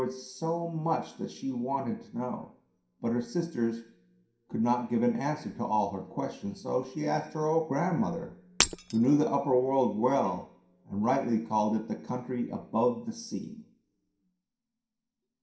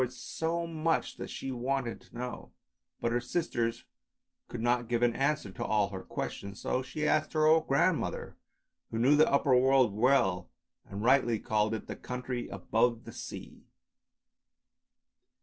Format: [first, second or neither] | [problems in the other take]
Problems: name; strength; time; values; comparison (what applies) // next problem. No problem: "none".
second | background sound (Shatter); 4 dB below the speech // room echo; dies away in 0.5 s